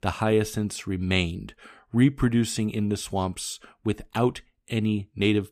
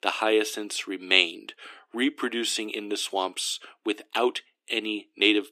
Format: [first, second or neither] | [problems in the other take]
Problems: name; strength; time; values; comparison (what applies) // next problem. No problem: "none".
first | thin; somewhat; fading below 300 Hz